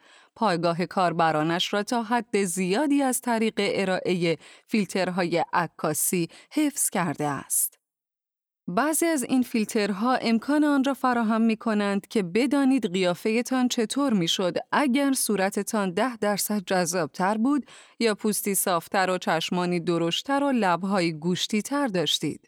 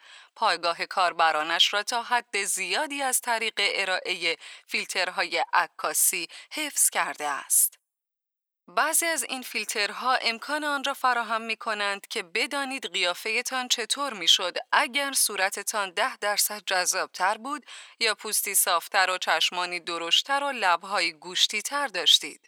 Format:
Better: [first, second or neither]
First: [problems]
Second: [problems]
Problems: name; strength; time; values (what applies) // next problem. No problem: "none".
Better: first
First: none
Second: thin; very; fading below 850 Hz